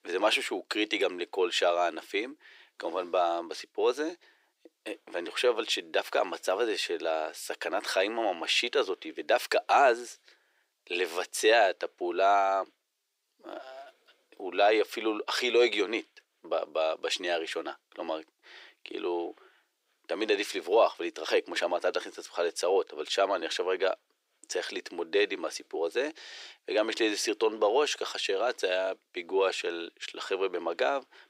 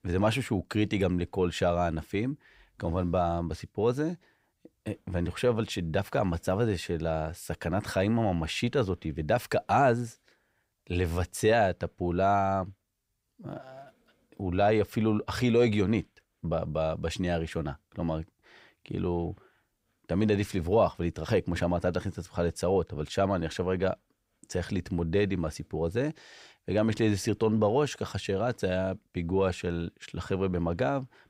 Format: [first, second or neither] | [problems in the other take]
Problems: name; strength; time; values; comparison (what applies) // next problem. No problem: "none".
second | thin; very; fading below 350 Hz